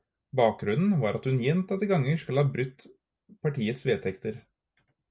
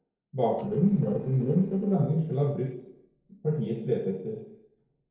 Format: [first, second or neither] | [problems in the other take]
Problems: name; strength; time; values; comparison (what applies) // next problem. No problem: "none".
first | noise reduction (neural separator model SepFormer DNS4)